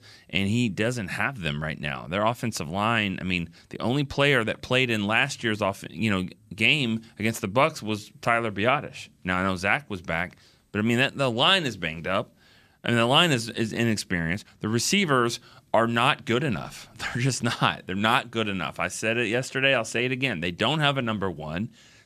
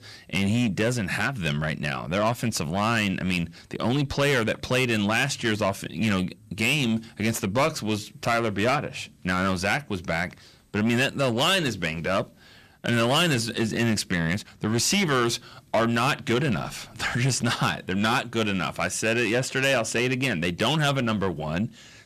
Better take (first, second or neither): first